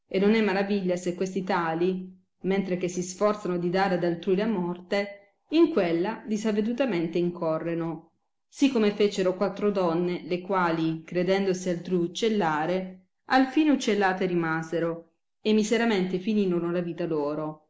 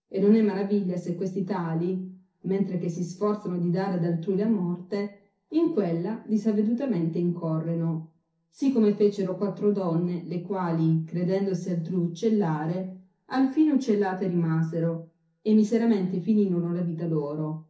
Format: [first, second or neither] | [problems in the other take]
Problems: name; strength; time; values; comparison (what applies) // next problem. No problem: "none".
first | room echo; dies away in 0.3 s